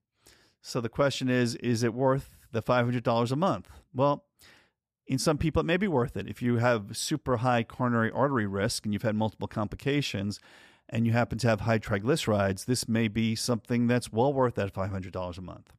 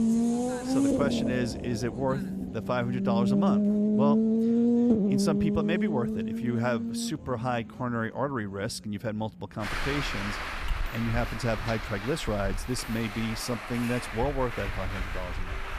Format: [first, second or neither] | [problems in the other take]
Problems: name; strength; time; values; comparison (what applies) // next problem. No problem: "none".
first | traffic noise; very loud; throughout; 3 dB above the speech